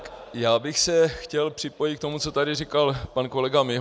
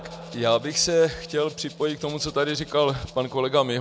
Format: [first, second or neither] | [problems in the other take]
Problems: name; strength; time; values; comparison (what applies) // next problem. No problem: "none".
first | background sound (Rattle (instrument) + Wind instrument, woodwind instrument); 20 dB below the speech